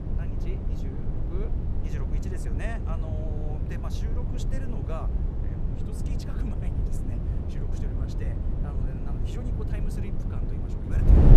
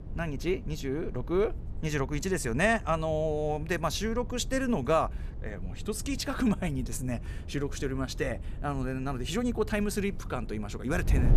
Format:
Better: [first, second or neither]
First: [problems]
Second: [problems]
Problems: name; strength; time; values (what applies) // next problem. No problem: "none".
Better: second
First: wind noise on the microphone; heavy; 2 dB above the speech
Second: wind noise on the microphone; occasional gusts; 20 dB below the speech